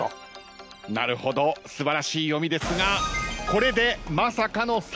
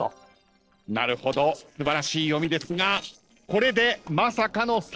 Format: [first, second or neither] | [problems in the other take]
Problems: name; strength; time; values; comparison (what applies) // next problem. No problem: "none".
first | noise reduction (neural separator model SepFormer DNS4)